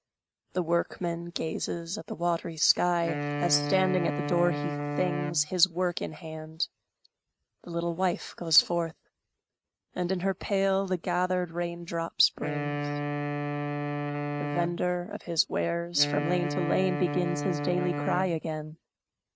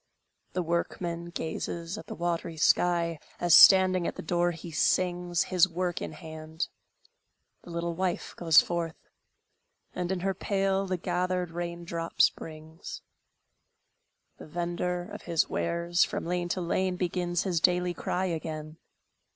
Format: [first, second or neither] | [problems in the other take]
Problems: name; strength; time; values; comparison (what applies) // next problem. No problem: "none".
second | noise reduction (neural mask model RNNoise)